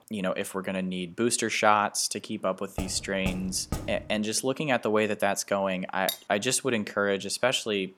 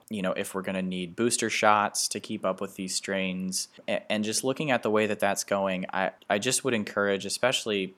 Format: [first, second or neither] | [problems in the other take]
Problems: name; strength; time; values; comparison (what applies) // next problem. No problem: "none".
second | door banging; noticeable; from 3 to 4 s; peak 9 dB below the speech // clattering dishes; noticeable; at 6 s; peak 6 dB below the speech